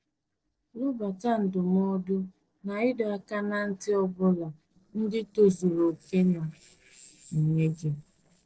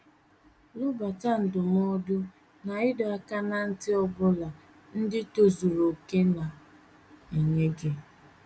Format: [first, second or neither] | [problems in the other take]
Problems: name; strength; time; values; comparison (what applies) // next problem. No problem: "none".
second | noise reduction (neural separator model SepFormer DNS4)